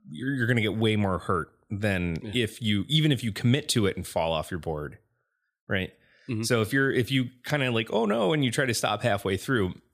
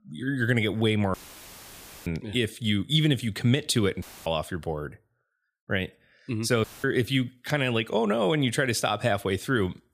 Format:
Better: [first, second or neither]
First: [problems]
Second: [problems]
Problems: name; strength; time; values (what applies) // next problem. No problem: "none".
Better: first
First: none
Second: audio cutting out; filled with static; at 1 s for 1 s, at 4 s and at 6.5 s